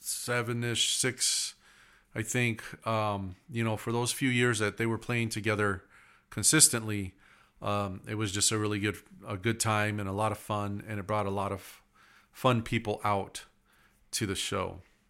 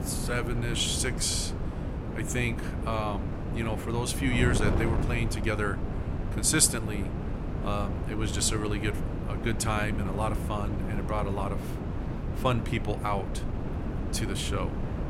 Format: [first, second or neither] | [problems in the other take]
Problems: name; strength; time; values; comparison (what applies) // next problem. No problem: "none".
first | wind noise on the microphone; heavy; 8 dB below the speech